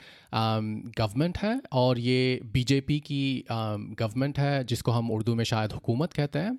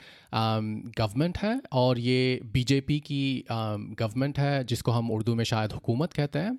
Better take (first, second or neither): neither